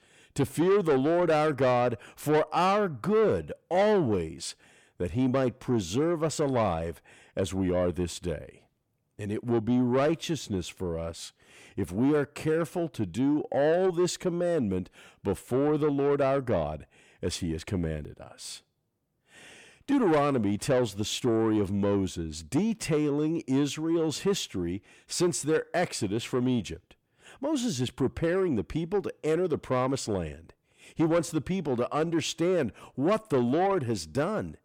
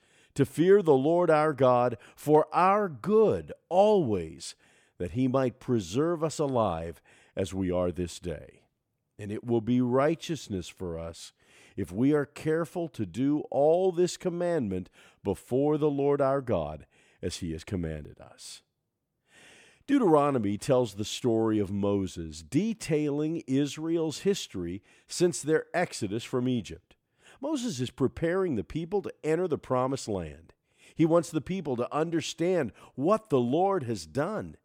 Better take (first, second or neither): second